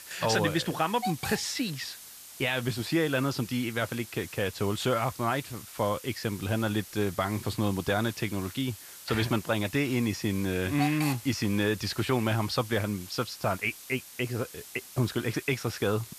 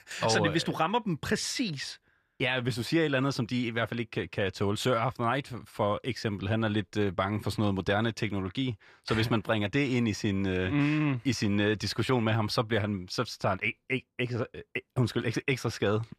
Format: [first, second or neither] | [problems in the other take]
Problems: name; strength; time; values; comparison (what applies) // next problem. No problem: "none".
second | hiss; noticeable; throughout; 15 dB below the speech